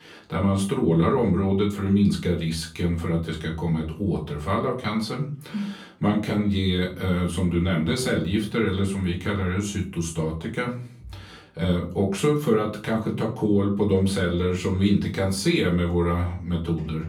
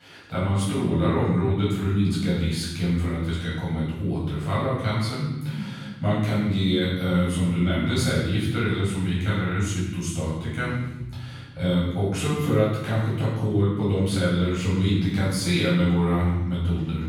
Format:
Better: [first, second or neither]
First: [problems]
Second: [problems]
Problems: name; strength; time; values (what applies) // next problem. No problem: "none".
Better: first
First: room echo; slight; dies away in 0.3 s // off-mic speech; far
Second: room echo; strong; dies away in 1.1 s // off-mic speech; far